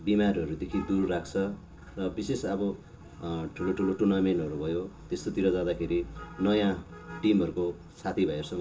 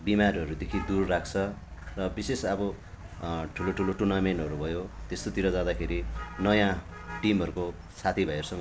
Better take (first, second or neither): second